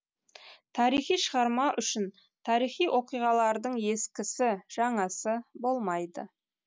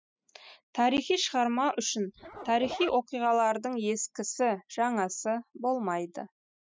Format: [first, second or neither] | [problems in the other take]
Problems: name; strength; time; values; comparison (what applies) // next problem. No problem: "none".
first | noise reduction (classical method spectral subtraction)